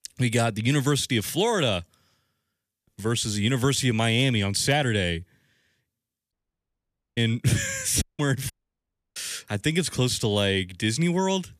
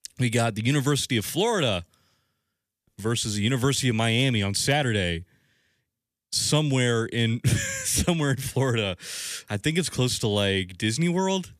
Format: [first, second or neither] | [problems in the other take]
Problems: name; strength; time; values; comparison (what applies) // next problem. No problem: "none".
second | audio cutting out; at 6.5 s for 1 s, at 8 s and at 8.5 s for 0.5 s